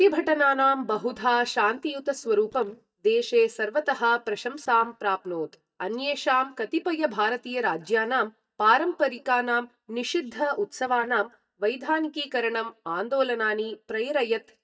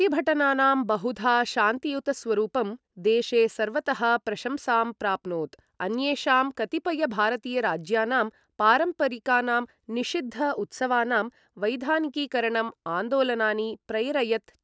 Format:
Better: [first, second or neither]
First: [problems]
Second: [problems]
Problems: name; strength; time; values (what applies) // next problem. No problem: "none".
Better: second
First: noise reduction (neural mask model DeepFilterNet 3)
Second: none